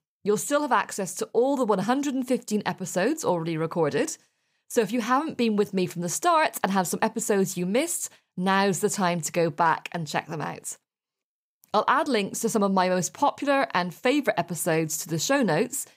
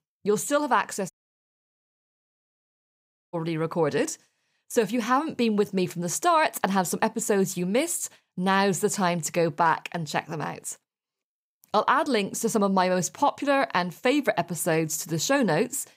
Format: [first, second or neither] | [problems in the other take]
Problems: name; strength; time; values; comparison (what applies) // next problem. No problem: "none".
first | audio cutting out; at 1 s for 2 s